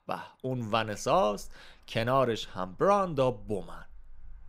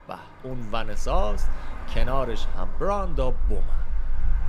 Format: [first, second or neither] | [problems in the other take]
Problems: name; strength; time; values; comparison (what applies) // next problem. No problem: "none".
first | traffic noise; loud; throughout; 1 dB below the speech; faint in the first